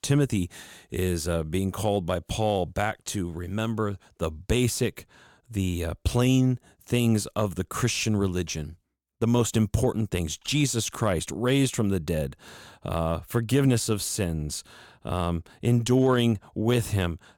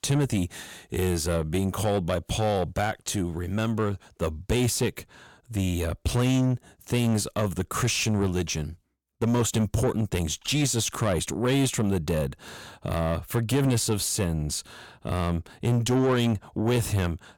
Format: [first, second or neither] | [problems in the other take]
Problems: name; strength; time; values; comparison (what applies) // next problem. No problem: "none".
first | distortion; slight; 10 dB below the speech